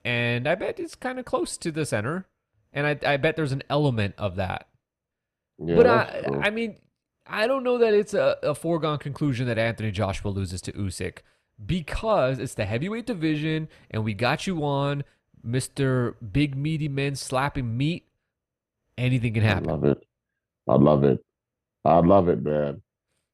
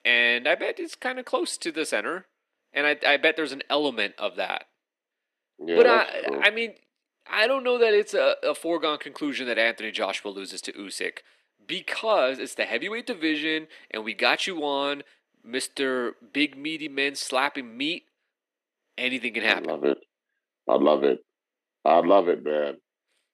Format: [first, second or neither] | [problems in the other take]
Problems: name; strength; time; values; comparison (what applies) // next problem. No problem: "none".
first | thin; somewhat; fading below 250 Hz